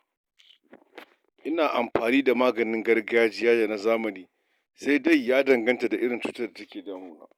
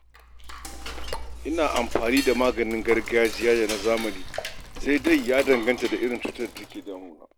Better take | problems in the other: first | background sound (Cutlery, silverware / Dishes, pots, and pans); 9 dB below the speech

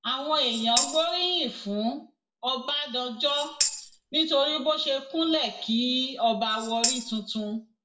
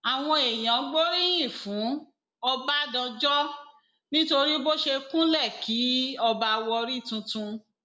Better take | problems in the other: second | background sound (Tambourine); 4 dB below the speech // room echo; dies away in 0.2 s

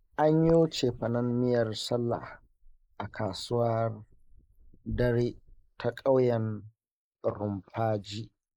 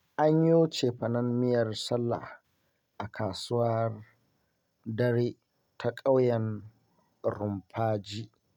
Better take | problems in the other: second | noise reduction (neural mask model Resemble Enhance denoiser)

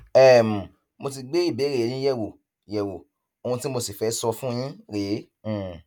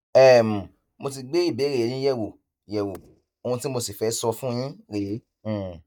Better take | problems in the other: first | noise reduction (neural mask model DeepFilterNet 3)

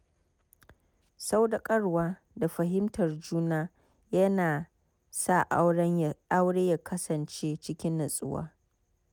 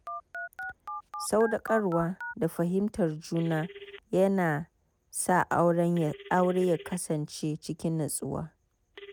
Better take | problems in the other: first | background sound (Telephone); 15 dB below the speech

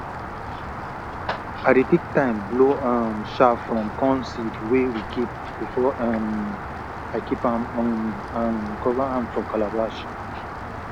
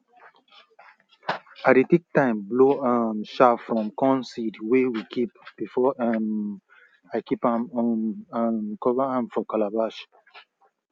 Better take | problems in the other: second | background sound (Rain); 8 dB below the speech

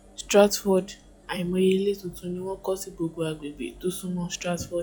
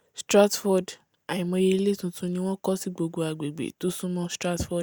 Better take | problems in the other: second | noise reduction (classical method log-MMSE)

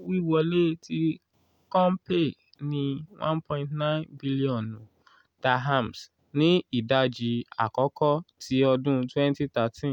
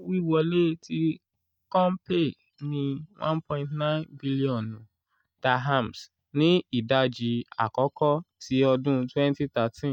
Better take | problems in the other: first | noise reduction (neural mask model DeepFilterNet 3)

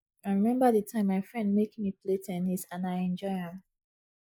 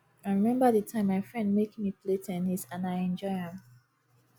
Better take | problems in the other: second | noise reduction (neural mask model Resemble Enhance denoiser)

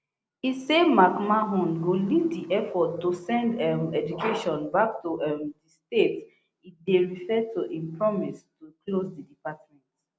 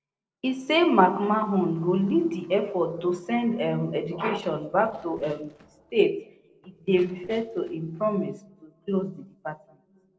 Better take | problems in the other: first | noise reduction (neural separator model SepFormer DNS4)

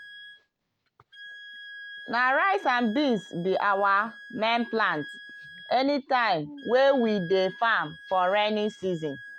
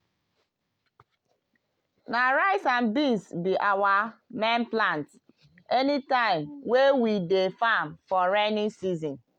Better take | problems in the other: second | background sound (Wind instrument, woodwind instrument); 19 dB below the speech

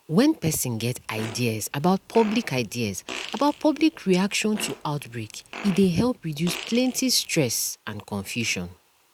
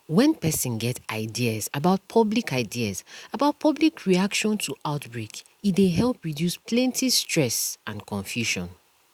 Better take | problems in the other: second | background sound (Fart); 16 dB below the speech

